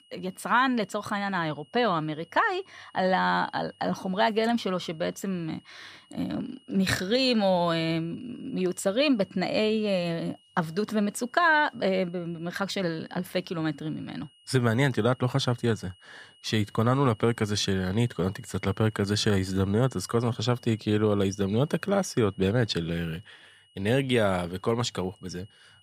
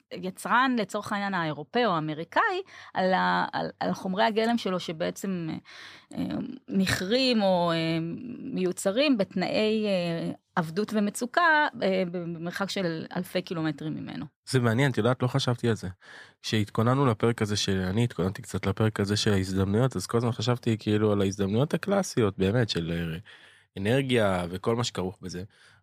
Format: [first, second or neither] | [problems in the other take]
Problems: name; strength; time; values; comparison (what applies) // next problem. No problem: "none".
second | high-pitched whine; faint; throughout; 3 kHz, 30 dB below the speech